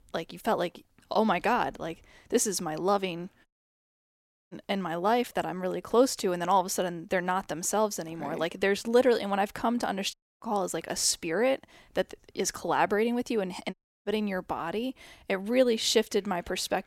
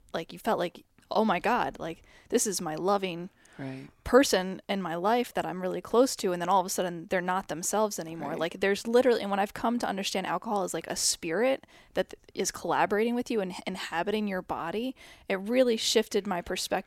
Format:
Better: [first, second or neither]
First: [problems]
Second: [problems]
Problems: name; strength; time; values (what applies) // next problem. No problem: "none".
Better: second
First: audio cutting out; at 3.5 s for 1 s, at 10 s and at 14 s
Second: none